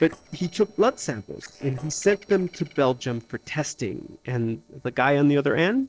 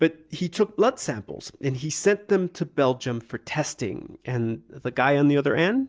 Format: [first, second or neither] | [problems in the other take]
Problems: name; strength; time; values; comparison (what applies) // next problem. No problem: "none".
second | noise reduction (neural separator model SepFormer DNS4)